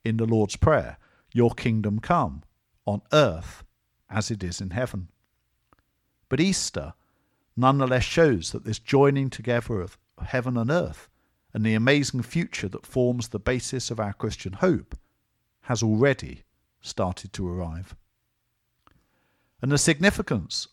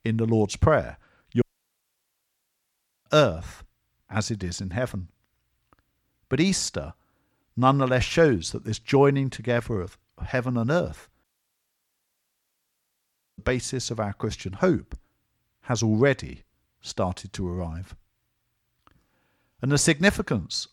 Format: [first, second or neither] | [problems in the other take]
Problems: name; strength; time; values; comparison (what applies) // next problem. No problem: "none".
first | audio cutting out; at 1.5 s for 1.5 s and at 11 s for 2 s